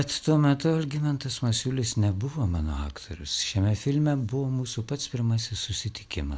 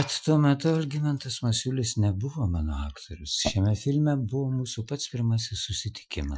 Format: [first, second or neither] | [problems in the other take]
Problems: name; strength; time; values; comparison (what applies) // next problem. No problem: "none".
first | noise reduction (classical method Wiener filter)